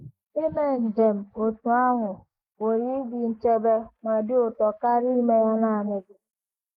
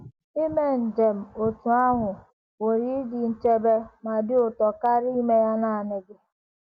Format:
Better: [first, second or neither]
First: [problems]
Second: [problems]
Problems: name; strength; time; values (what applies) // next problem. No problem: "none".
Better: second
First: noise reduction (neural mask model Resemble Enhance denoiser)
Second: none